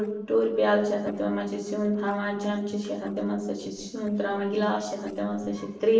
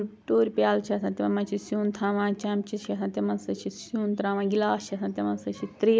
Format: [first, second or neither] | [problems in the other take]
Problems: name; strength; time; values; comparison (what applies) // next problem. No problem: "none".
second | noise reduction (neural separator model SepFormer DNS4)